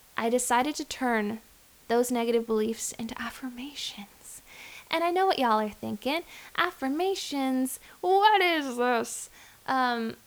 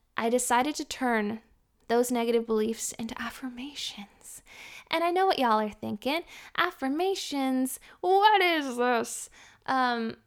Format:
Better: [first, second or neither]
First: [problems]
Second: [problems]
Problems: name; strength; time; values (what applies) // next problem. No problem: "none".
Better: second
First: hiss; faint; throughout; 25 dB below the speech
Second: none